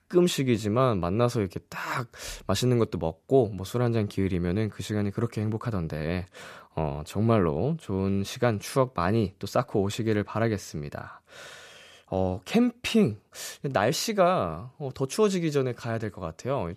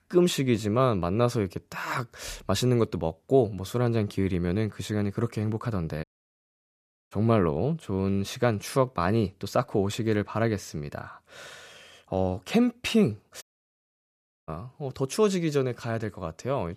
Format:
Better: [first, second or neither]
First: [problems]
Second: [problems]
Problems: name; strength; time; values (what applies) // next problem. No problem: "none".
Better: first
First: none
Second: audio cutting out; at 6 s for 1 s and at 13 s for 1 s